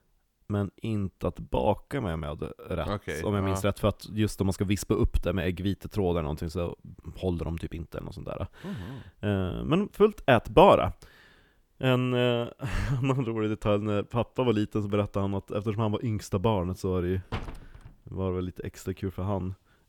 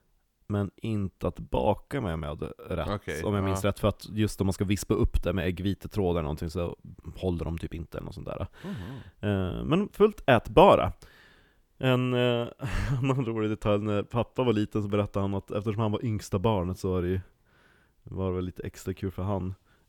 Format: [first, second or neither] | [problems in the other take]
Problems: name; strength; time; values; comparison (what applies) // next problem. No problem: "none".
second | door banging; noticeable; at 17 s; peak 9 dB below the speech